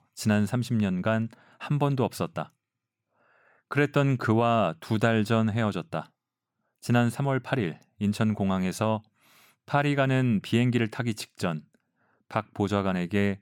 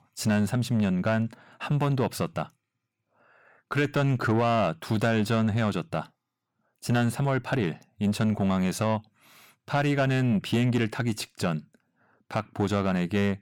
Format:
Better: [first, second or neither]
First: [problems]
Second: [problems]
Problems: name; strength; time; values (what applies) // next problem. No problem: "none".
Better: first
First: none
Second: distortion; slight; 10 dB below the speech